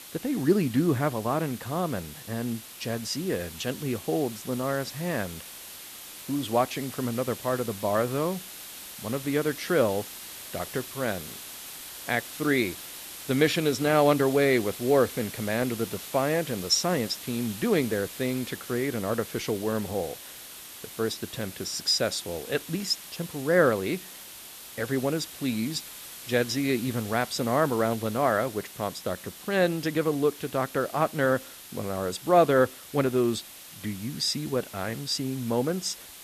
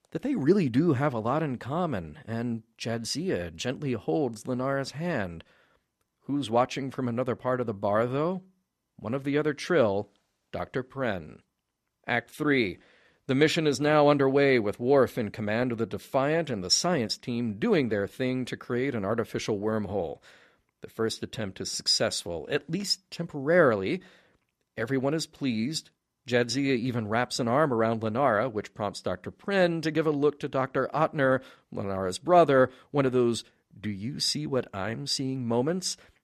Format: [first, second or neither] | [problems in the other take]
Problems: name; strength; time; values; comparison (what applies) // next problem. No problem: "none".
second | hiss; noticeable; throughout; 15 dB below the speech